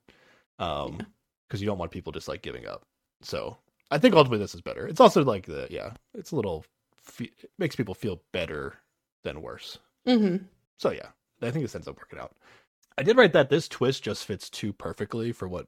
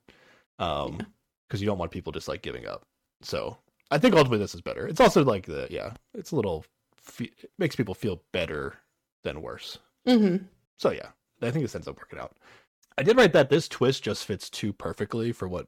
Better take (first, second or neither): first